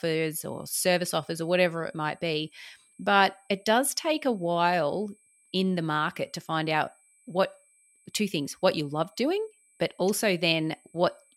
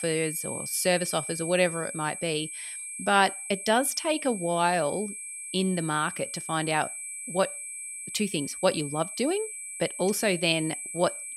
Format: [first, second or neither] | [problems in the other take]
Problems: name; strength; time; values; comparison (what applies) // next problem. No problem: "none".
first | high-pitched whine; loud; throughout; 8 kHz, 7 dB below the speech; faint in the first